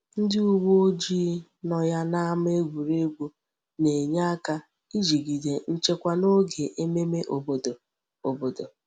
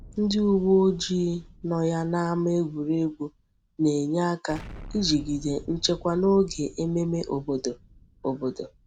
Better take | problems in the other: first | background sound (Explosion); 20 dB below the speech

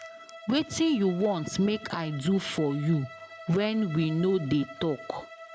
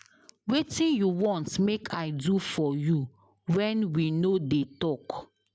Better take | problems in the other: second | background sound (Bowed string instrument); 17 dB below the speech

